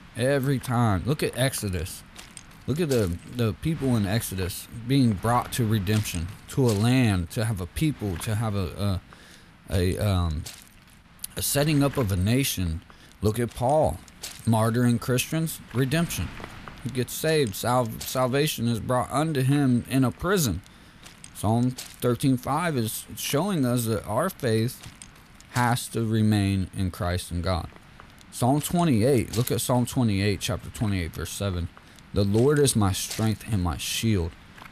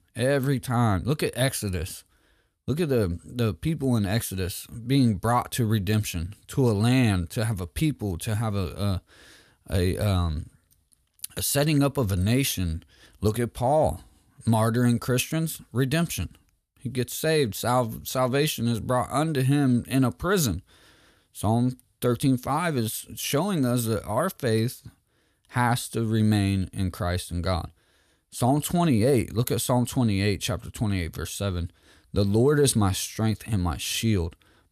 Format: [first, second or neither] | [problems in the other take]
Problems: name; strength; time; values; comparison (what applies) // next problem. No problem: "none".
second | wind noise on the microphone; occasional gusts; 15 dB below the speech